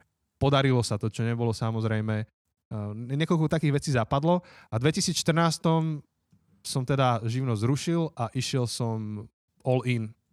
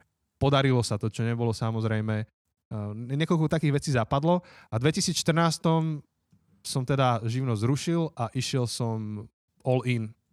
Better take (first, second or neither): neither